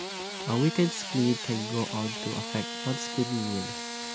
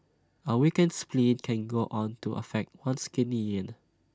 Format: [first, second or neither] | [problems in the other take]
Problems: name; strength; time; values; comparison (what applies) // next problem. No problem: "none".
second | background sound (Engine starting / Sawing); 6 dB below the speech